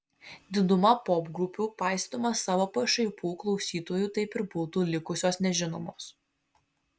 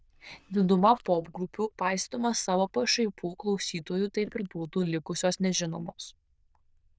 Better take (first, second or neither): first